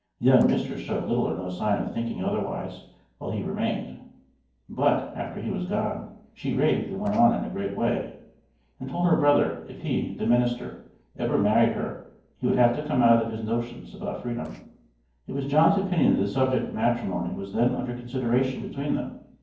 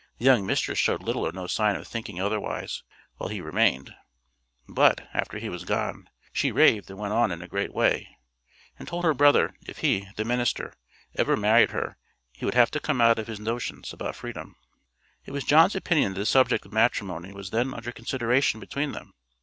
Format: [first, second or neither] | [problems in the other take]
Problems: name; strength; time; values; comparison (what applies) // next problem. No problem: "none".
second | noise reduction (neural separator model SepFormer DNS4)